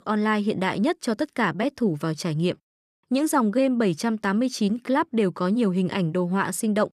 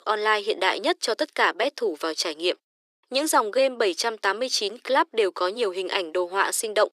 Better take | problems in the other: first | thin; very; fading below 350 Hz

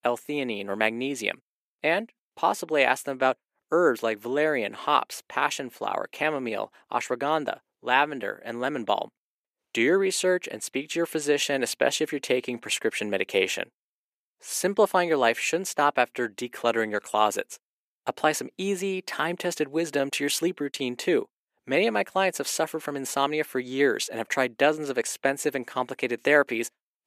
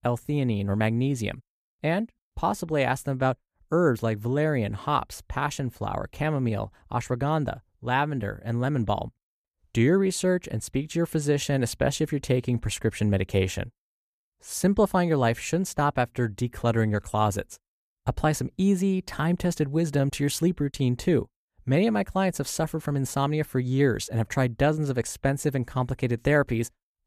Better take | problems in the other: second | thin; somewhat; fading below 300 Hz

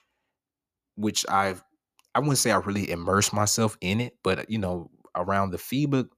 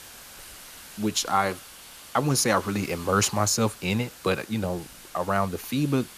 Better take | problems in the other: first | hiss; noticeable; throughout; 15 dB below the speech

